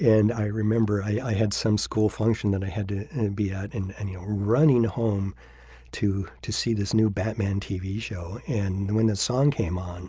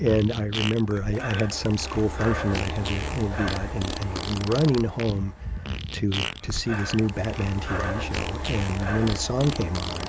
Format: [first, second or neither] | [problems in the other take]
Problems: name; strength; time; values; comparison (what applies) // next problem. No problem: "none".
first | background sound (Breathing + Fart); 5 dB below the speech